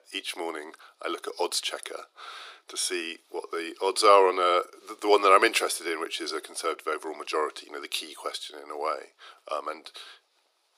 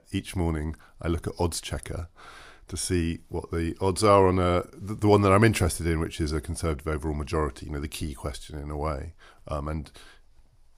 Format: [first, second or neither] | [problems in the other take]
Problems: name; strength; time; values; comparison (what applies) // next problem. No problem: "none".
second | thin; very; fading below 350 Hz